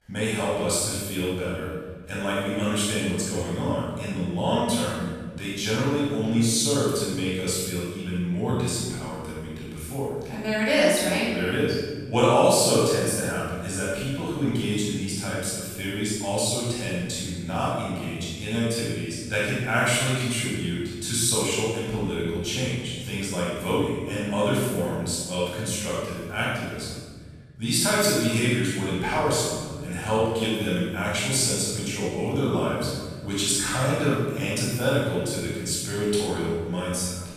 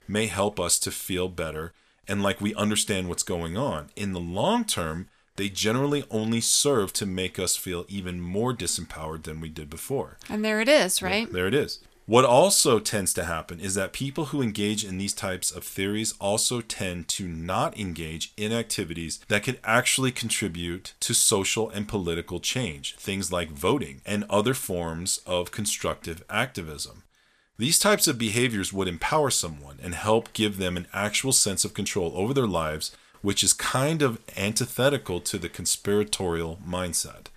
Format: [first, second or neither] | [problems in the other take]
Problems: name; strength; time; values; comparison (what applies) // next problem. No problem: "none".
second | off-mic speech; far // room echo; strong; dies away in 1.7 s